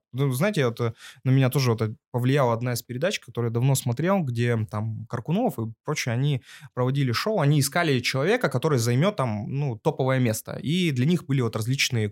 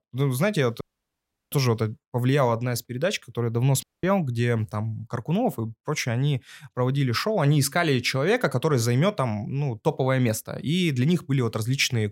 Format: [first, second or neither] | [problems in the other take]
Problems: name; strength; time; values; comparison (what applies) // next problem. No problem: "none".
first | audio cutting out; at 1 s for 0.5 s and at 4 s